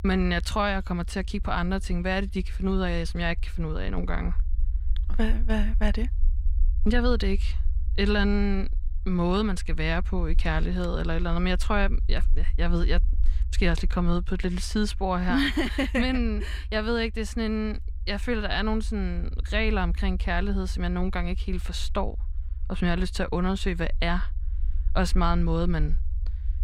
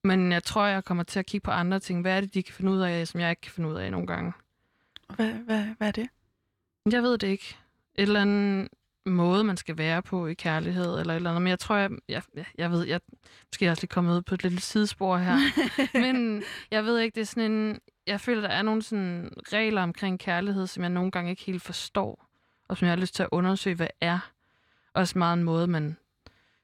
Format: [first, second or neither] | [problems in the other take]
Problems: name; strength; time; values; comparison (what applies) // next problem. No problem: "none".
second | low rumble; faint; throughout; 25 dB below the speech